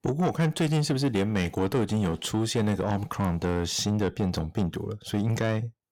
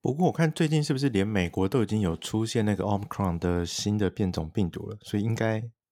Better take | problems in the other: second | distortion; slight; 10 dB below the speech

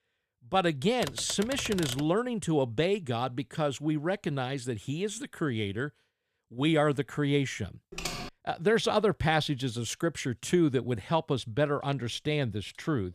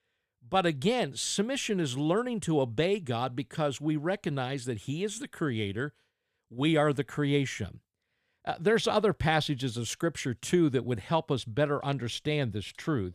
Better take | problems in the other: second | keyboard typing; noticeable; from 1 to 2 s and at 8 s; peak 6 dB below the speech

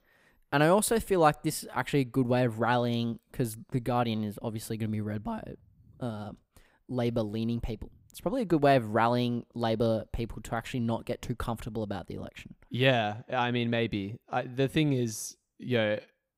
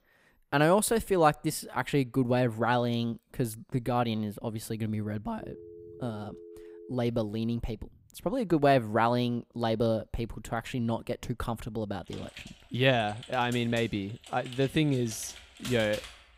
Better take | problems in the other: first | phone ringing; faint; from 5.5 to 7 s; peak 20 dB below the speech // keyboard typing; noticeable; from 12 s on; peak 10 dB below the speech

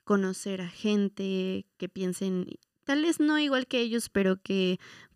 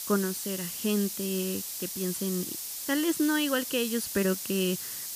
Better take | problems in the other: first | hiss; loud; throughout; 4 dB below the speech

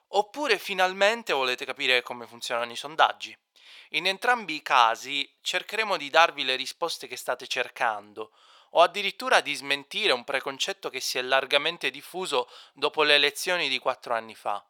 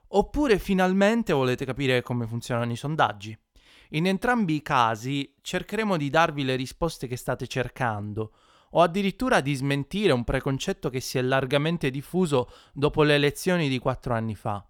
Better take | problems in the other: second | thin; very; fading below 700 Hz

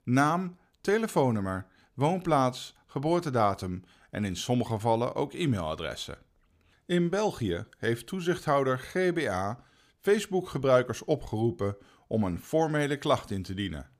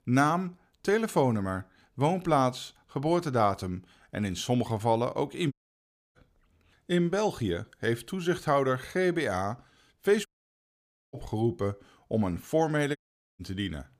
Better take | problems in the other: first | audio cutting out; at 5.5 s for 0.5 s, at 10 s for 1 s and at 13 s

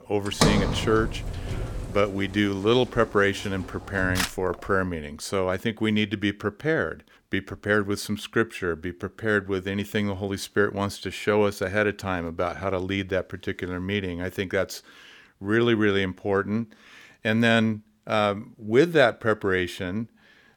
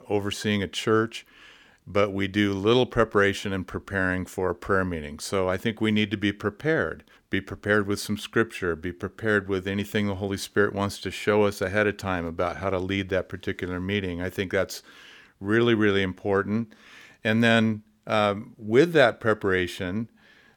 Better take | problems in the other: second | household noises; loud; until 4.5 s; 3 dB below the speech

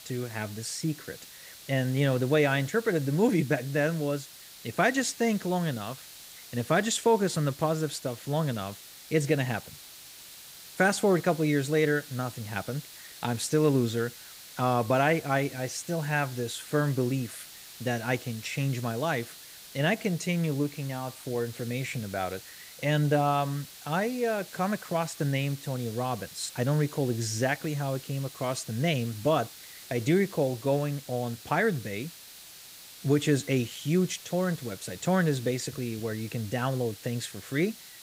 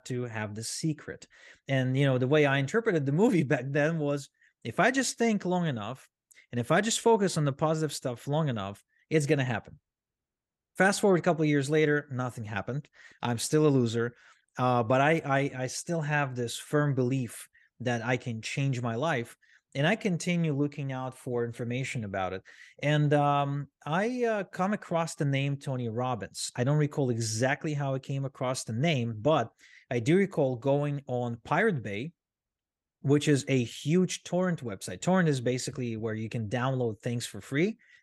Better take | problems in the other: second | hiss; noticeable; throughout; 15 dB below the speech

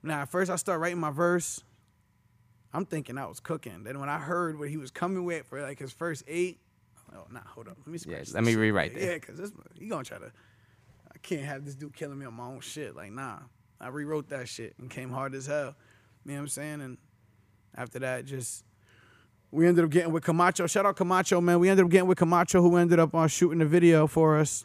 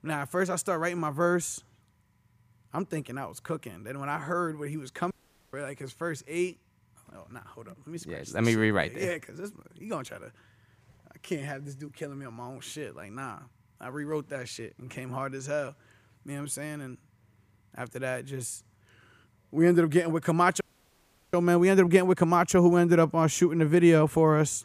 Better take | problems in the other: first | audio cutting out; at 5 s and at 21 s for 0.5 s

